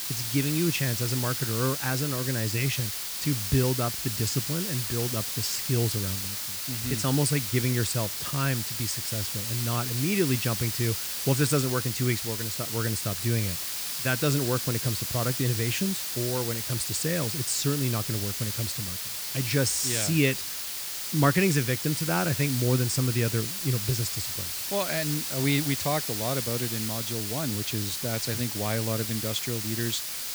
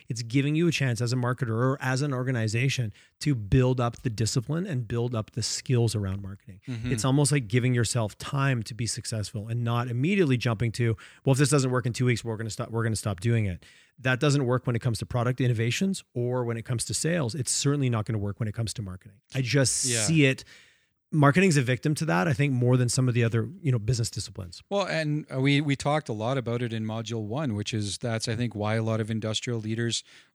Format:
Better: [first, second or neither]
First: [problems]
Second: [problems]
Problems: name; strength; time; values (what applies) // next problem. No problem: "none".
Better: second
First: hiss; loud; throughout; 1 dB below the speech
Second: none